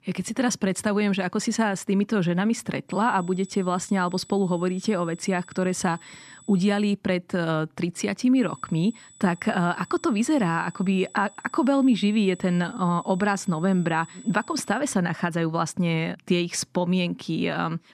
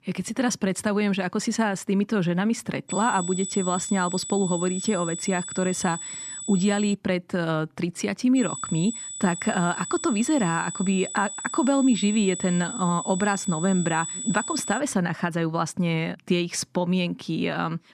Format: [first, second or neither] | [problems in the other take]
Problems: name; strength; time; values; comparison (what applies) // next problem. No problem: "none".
first | high-pitched whine; loud; from 3 to 7 s and from 8.5 to 15 s; 8 kHz, 7 dB below the speech; faint in the first